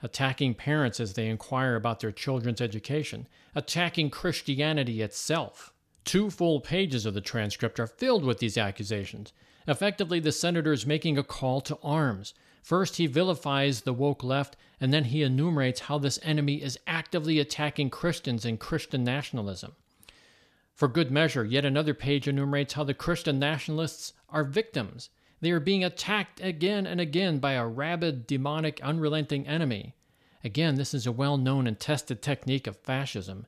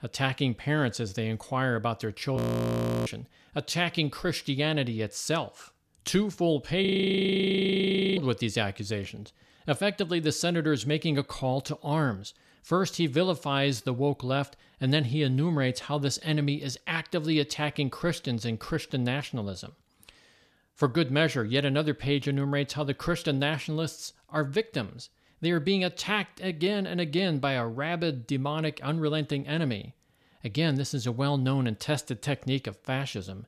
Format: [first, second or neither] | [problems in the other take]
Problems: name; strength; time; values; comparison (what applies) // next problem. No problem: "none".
first | audio freezing; at 2.5 s for 0.5 s and at 7 s for 1.5 s